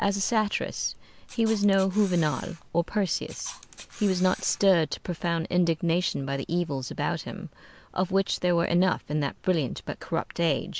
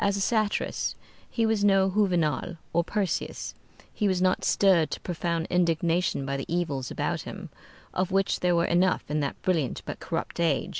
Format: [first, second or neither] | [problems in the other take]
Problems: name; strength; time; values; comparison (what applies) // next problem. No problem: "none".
second | background sound (Camera); 18 dB below the speech